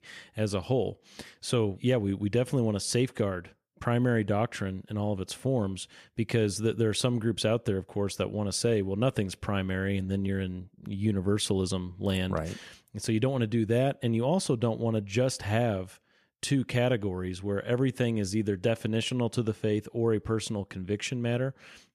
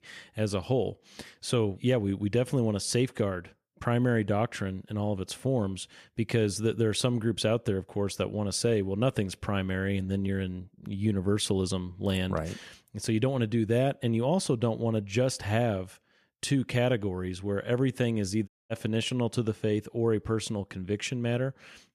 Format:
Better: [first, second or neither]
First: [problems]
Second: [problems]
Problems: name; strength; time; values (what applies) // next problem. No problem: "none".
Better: first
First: none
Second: audio cutting out; at 18 s